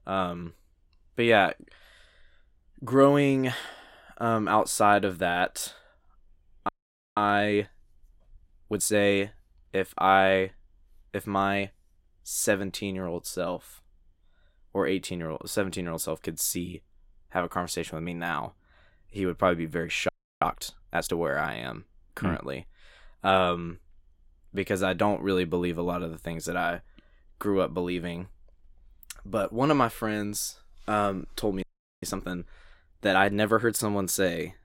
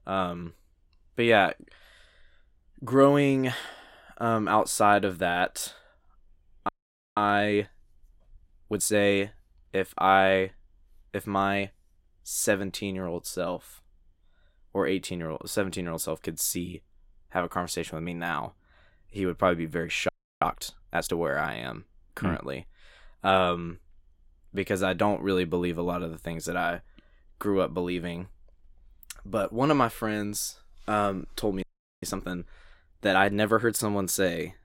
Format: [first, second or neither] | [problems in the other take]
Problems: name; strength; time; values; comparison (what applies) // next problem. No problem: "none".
neither | audio freezing; at 6.5 s, at 20 s and at 32 s; the same in both